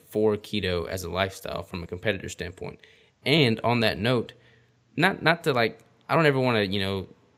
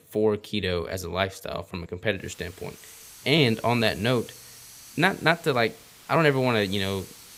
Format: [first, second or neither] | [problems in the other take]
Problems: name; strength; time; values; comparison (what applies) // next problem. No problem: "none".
first | hiss; faint; from 2 s on; 20 dB below the speech